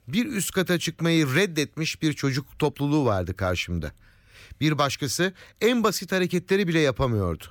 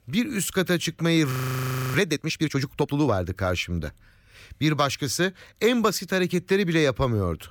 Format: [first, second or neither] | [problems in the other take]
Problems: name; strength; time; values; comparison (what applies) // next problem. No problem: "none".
first | audio freezing; at 1.5 s for 0.5 s